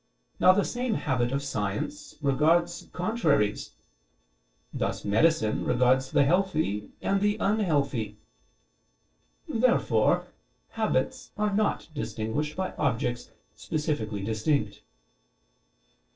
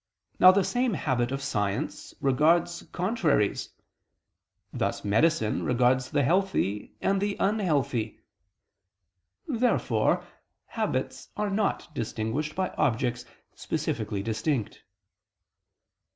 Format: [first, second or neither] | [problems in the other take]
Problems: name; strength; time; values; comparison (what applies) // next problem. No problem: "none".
second | noise reduction (neural separator model SepFormer DNS4)